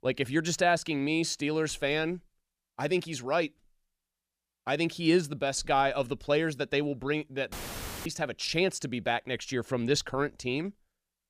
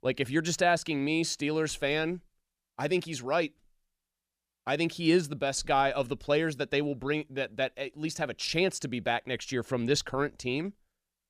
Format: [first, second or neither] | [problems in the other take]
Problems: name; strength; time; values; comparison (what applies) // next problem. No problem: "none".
second | audio cutting out; filled with static; at 7.5 s for 0.5 s